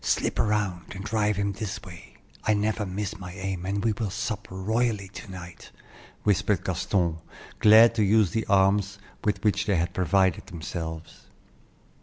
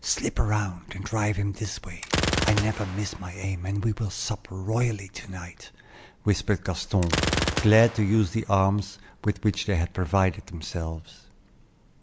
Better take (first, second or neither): first